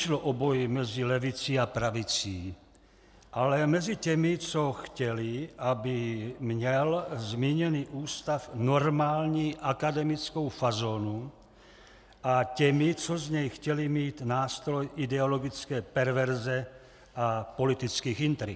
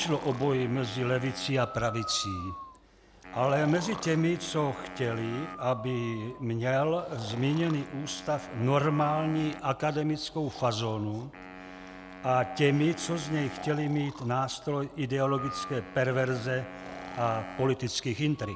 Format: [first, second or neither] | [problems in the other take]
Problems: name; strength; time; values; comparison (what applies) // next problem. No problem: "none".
first | background sound (Wind instrument, woodwind instrument + Breathing); 13 dB below the speech